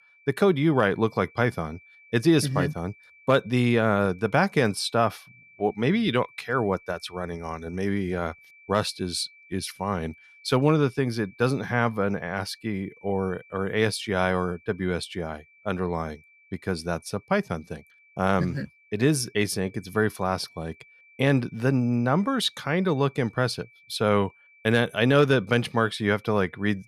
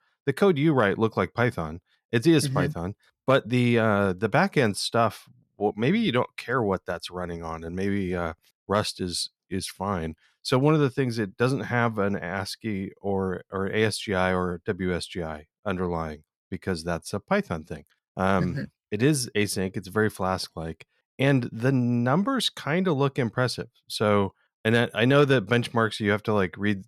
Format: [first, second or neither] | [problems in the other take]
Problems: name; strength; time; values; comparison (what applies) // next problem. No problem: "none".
second | high-pitched whine; faint; throughout; 2.5 kHz, 25 dB below the speech